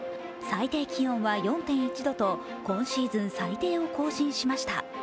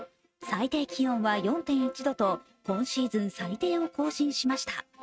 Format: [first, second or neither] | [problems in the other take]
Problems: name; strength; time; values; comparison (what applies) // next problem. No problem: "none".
first | noise reduction (neural mask model RNNoise)